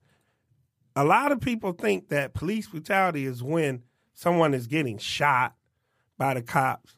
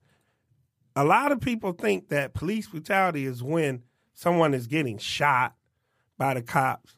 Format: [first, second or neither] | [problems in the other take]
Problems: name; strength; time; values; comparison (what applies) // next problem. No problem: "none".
neither | none